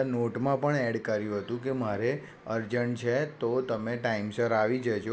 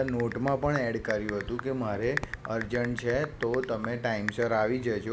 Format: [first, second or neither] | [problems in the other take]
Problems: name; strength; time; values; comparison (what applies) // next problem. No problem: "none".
first | background sound (Typing); 10 dB below the speech